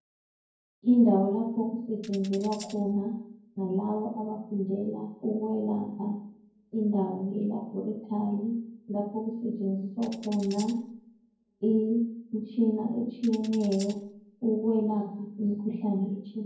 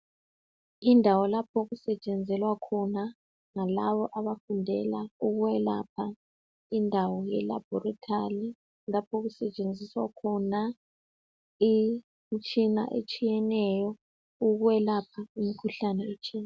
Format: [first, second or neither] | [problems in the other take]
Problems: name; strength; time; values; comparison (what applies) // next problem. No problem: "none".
second | background sound (Tambourine); 19 dB below the speech // room echo; dies away in 0.9 s